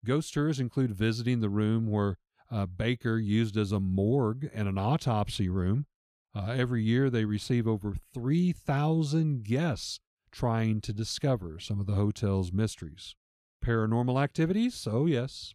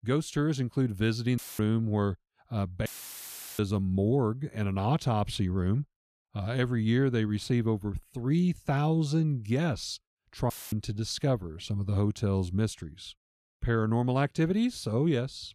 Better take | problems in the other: first | audio cutting out; filled with static; at 1.5 s, at 3 s for 0.5 s and at 11 s

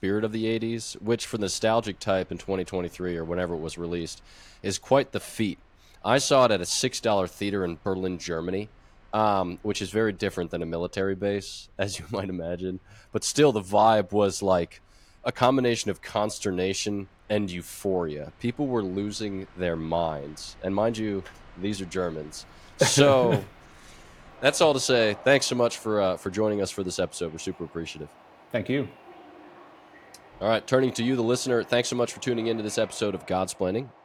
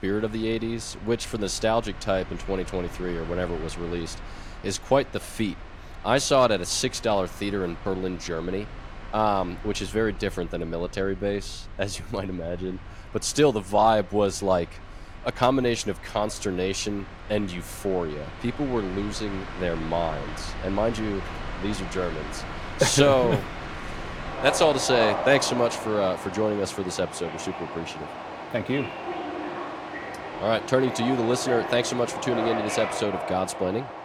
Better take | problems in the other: first | train or aircraft noise; loud; throughout; 9 dB below the speech; faint in the first

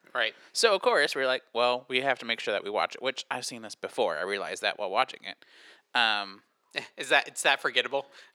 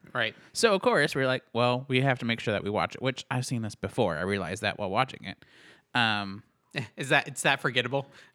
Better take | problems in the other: second | thin; somewhat; fading below 500 Hz

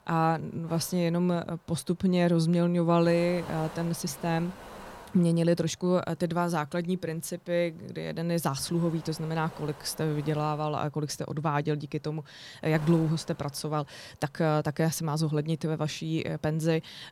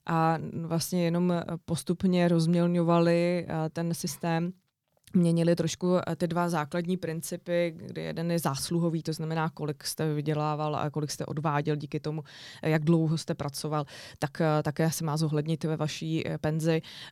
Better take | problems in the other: second | wind noise on the microphone; occasional gusts; 15 dB below the speech

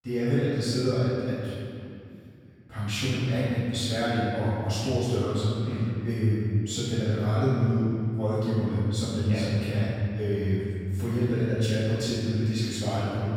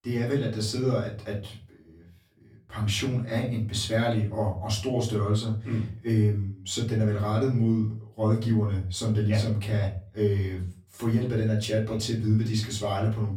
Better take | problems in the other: second | room echo; strong; dies away in 2.2 s; slight in the second // off-mic speech; far; far in the second

